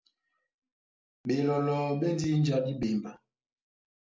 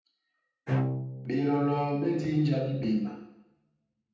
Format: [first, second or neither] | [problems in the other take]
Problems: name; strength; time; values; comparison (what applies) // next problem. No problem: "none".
first | background sound (Bowed string instrument); 6 dB below the speech // room echo; dies away in 0.8 s